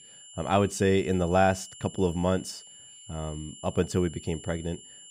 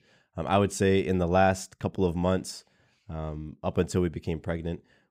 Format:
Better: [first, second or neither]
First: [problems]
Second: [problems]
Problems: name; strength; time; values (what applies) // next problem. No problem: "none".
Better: second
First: high-pitched whine; noticeable; throughout; 3 kHz, 15 dB below the speech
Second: none